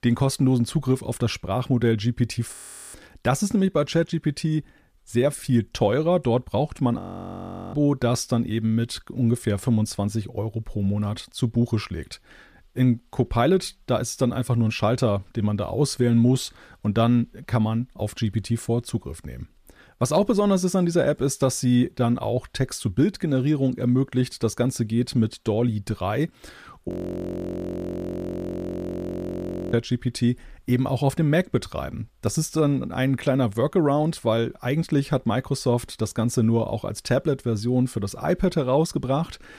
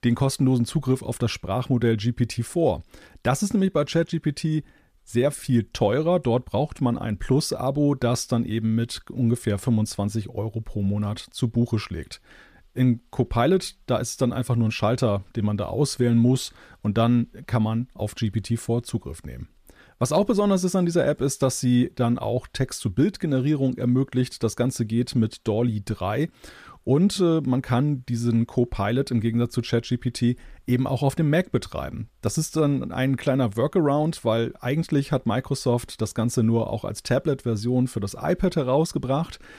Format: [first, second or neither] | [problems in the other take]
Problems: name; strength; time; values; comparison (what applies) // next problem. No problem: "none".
second | audio freezing; at 2.5 s, at 7 s for 0.5 s and at 27 s for 3 s